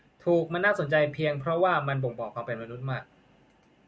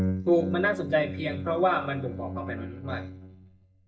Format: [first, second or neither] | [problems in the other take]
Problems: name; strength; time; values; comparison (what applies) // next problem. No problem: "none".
first | noise reduction (neural mask model DeepFilterNet 3)